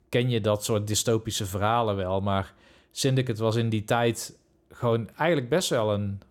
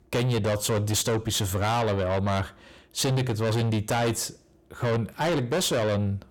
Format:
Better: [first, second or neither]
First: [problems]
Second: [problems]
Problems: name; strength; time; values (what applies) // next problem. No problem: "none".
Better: first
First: none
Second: distortion; heavy; 6 dB below the speech